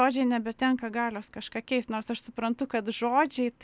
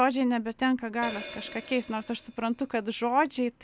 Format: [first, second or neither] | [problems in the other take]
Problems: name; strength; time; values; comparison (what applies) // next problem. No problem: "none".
first | background sound (Hi-hat); 15 dB below the speech